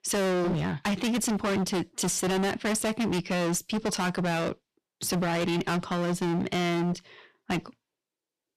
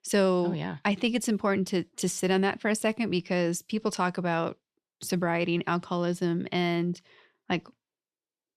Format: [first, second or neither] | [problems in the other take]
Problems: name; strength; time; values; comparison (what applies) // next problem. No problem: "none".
second | distortion; heavy; 31% of the sound clipped